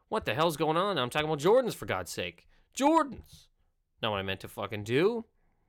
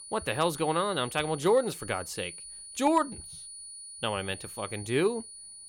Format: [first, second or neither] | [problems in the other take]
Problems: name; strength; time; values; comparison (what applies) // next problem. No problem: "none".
first | high-pitched whine; noticeable; throughout; 9.5 kHz, 10 dB below the speech